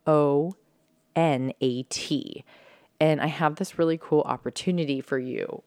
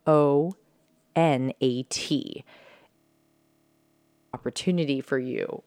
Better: first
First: none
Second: audio freezing; at 3 s for 1.5 s

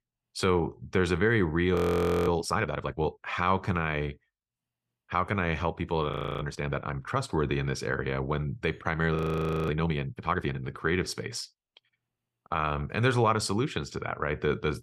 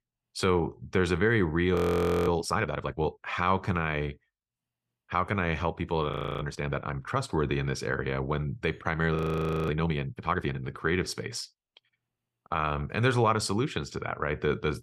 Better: neither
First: audio freezing; at 2 s for 0.5 s, at 6 s and at 9 s for 0.5 s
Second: audio freezing; at 2 s for 0.5 s, at 6 s and at 9 s for 0.5 s

